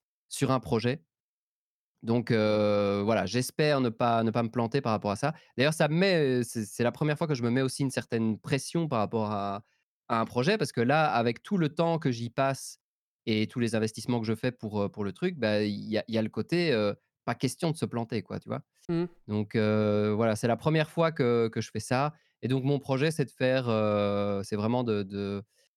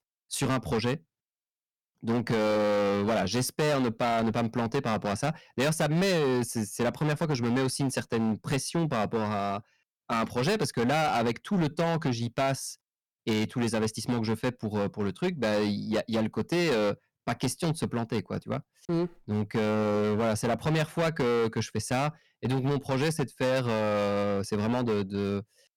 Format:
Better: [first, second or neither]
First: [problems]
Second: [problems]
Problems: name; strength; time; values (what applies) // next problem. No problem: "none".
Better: first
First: none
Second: distortion; heavy; 17% of the sound clipped